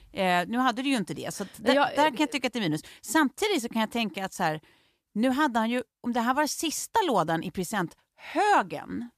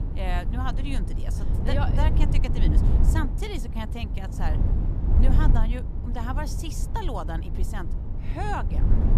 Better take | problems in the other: first | low rumble; loud; throughout; 6 dB below the speech

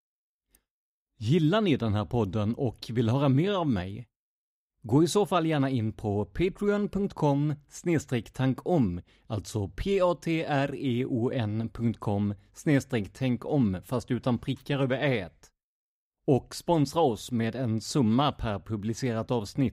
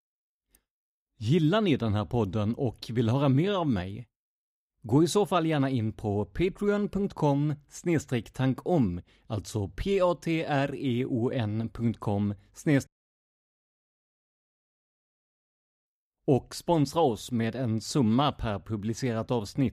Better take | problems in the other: first | audio cutting out; at 13 s for 3 s

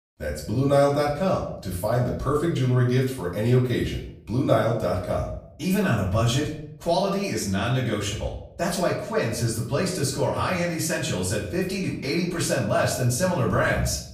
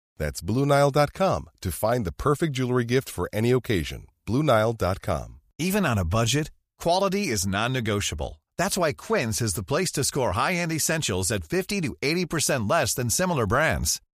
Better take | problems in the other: second | off-mic speech; far // room echo; noticeable; dies away in 0.6 s

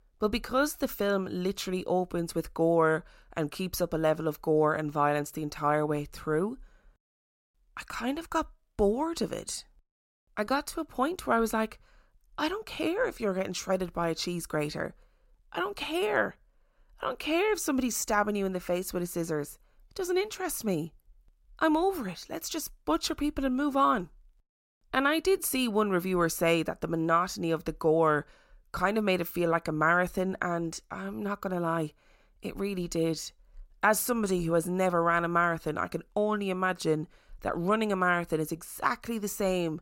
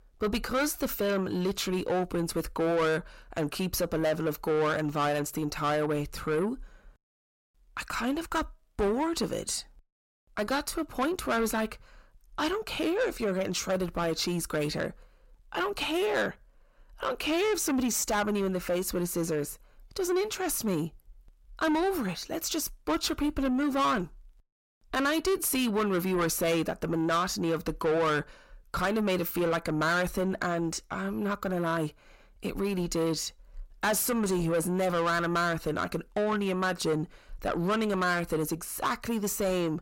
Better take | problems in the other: first | distortion; heavy; 8 dB below the speech

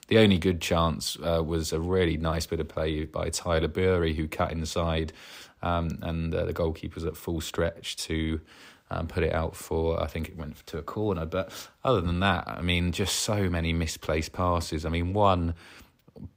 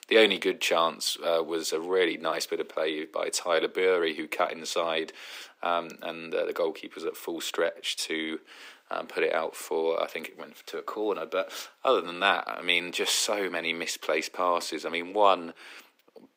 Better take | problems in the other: first | thin; very; fading below 300 Hz

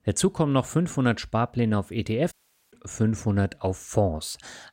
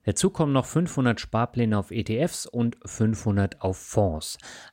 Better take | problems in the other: second | audio cutting out; at 2.5 s

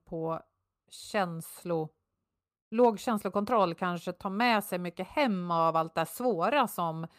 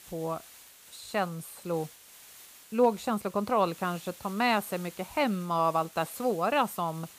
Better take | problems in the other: first | hiss; noticeable; throughout; 20 dB below the speech

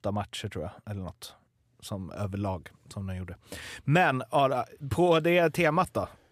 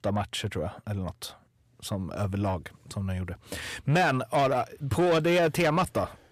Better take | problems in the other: first | distortion; slight; 10 dB below the speech

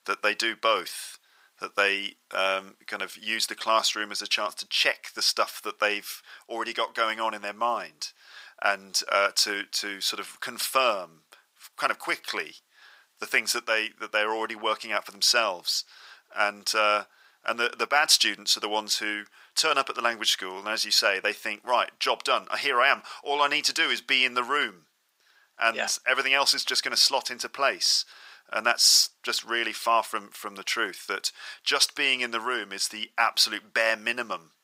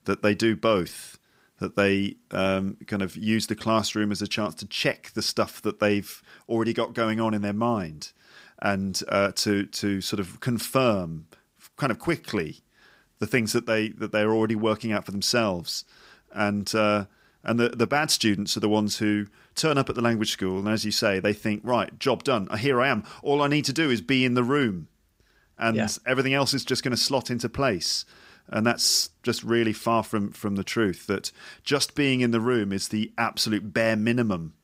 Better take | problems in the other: second | thin; very; fading below 850 Hz

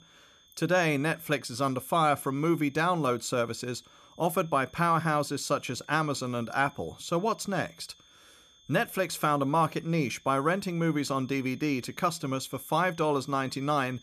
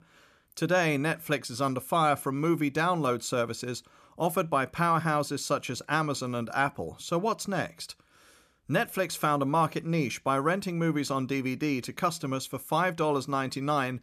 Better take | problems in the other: second | high-pitched whine; faint; throughout; 3.5 kHz, 30 dB below the speech

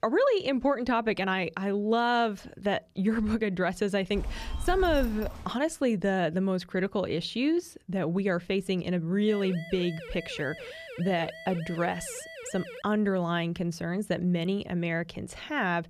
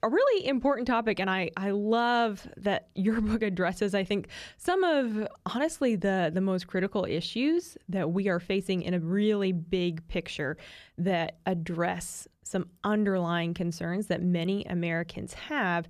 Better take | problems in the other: second | phone ringing; noticeable; from 4 to 5.5 s; peak 7 dB below the speech // siren; faint; from 9.5 to 13 s; peak 15 dB below the speech

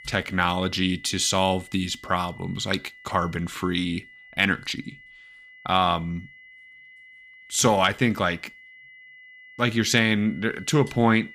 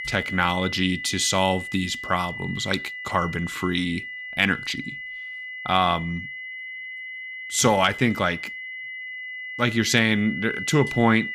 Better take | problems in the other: first | high-pitched whine; loud; throughout; 2 kHz, 9 dB below the speech; faint in the first

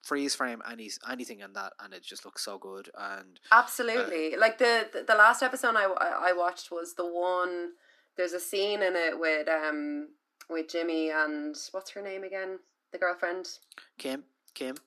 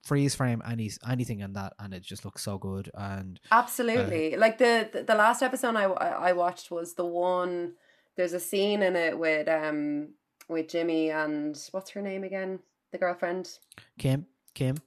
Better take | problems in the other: second | thin; somewhat; fading below 250 Hz

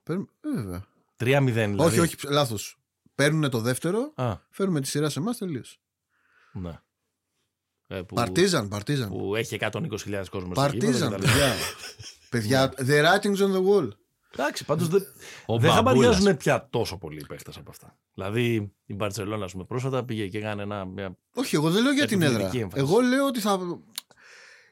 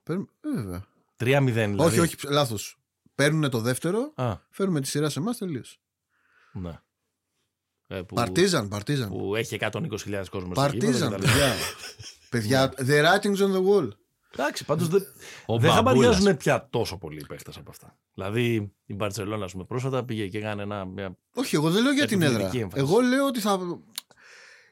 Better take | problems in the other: neither | none

